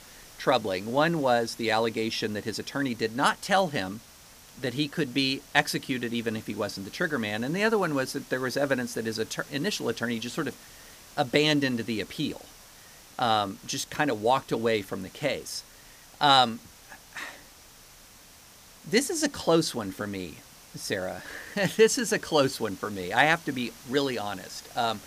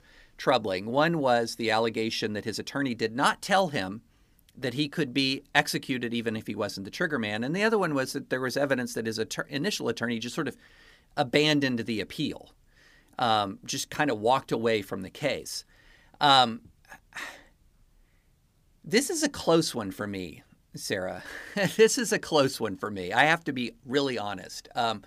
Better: second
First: hiss; faint; throughout; 20 dB below the speech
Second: none

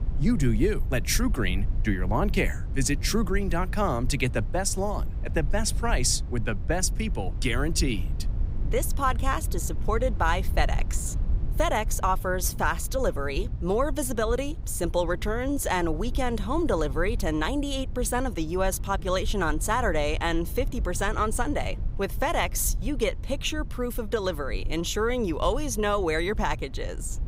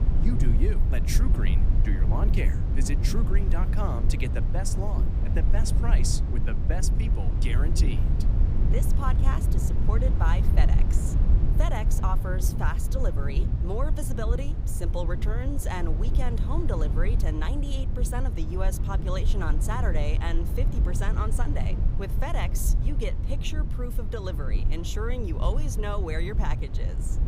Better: first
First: low rumble; faint; throughout; 20 dB below the speech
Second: low rumble; loud; throughout; 6 dB below the speech

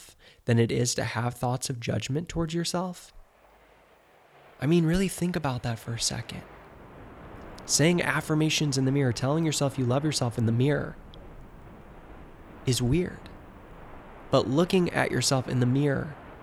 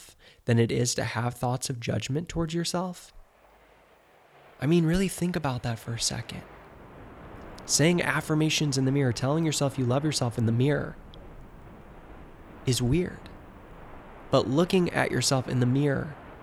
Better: neither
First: train or aircraft noise; faint; throughout; 20 dB below the speech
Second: train or aircraft noise; faint; throughout; 20 dB below the speech

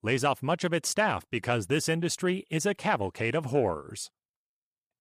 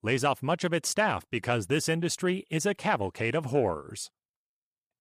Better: neither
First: none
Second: none

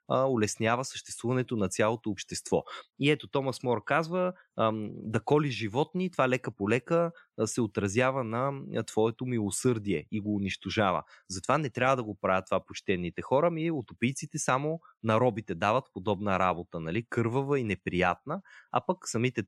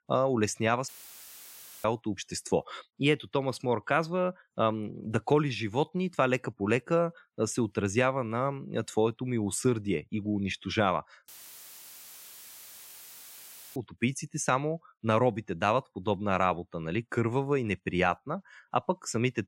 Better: first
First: none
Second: audio cutting out; filled with static; at 1 s for 1 s and at 11 s for 2.5 s

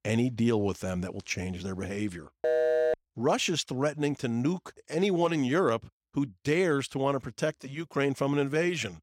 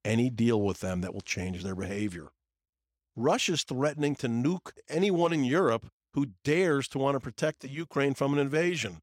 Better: second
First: phone ringing; loud; at 2.5 s; peak 4 dB above the speech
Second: none

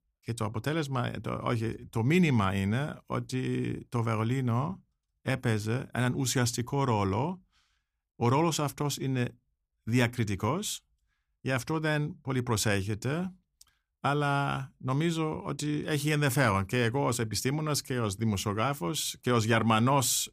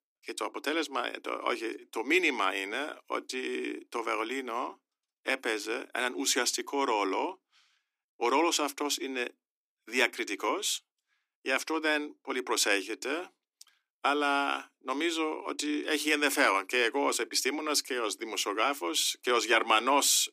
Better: first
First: none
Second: thin; somewhat; fading below 300 Hz

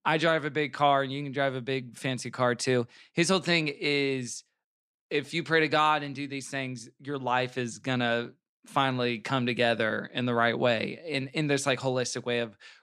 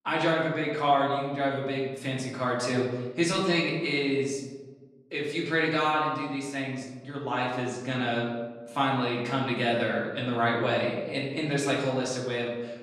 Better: first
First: none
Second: room echo; noticeable; dies away in 1.1 s // off-mic speech; far

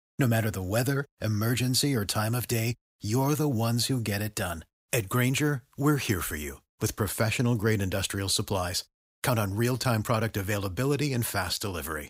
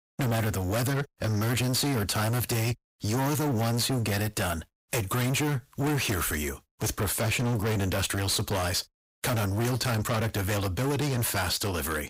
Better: first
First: none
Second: distortion; heavy; 32% of the sound clipped

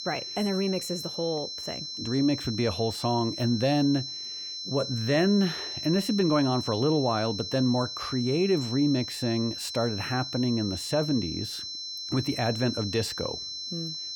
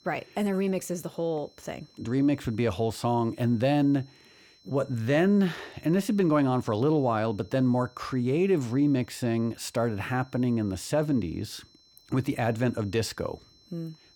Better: second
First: high-pitched whine; loud; throughout; 4 kHz, 6 dB below the speech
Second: high-pitched whine; faint; throughout; 4 kHz, 30 dB below the speech

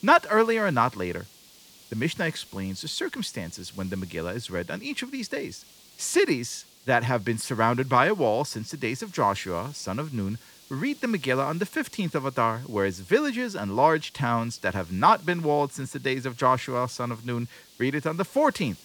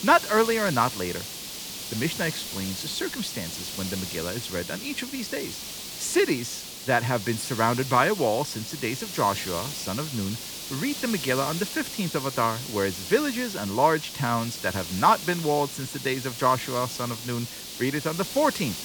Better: first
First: hiss; faint; throughout; 25 dB below the speech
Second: hiss; loud; throughout; 7 dB below the speech

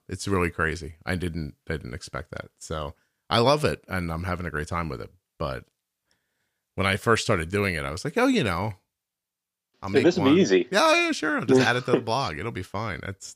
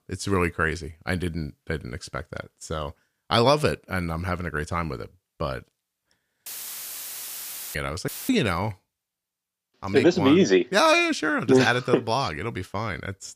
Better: first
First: none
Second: audio cutting out; filled with static; at 6.5 s for 1.5 s and at 8 s

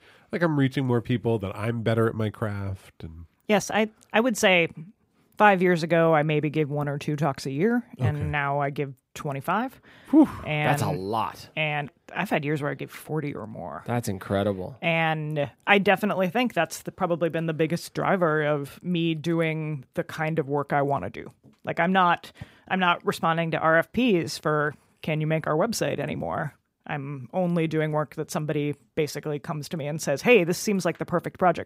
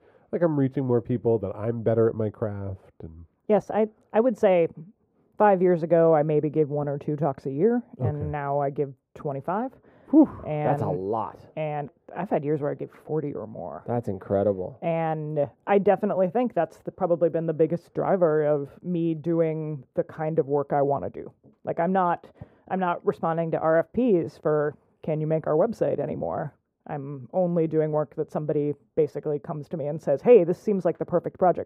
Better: first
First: none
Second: muffled; very; fading above 2 kHz

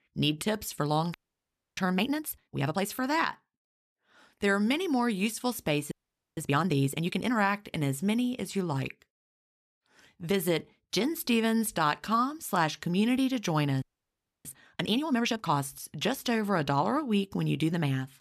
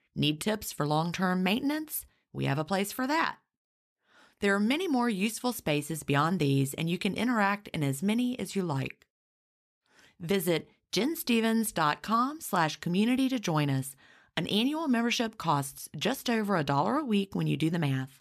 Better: second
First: audio freezing; at 1 s for 0.5 s, at 6 s and at 14 s for 0.5 s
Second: none

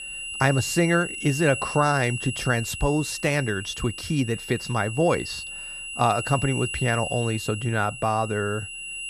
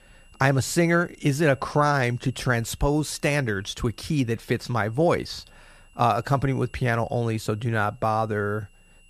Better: second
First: high-pitched whine; loud; throughout; 3 kHz, 7 dB below the speech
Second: high-pitched whine; faint; throughout; 3 kHz, 35 dB below the speech

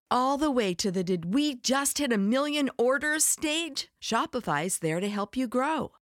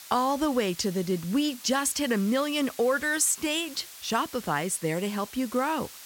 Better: first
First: none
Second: hiss; noticeable; throughout; 15 dB below the speech

